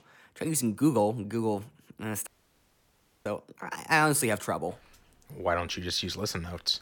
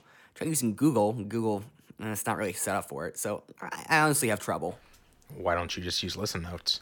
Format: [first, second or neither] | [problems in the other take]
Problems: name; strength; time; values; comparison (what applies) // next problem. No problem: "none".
second | audio cutting out; at 2.5 s for 1 s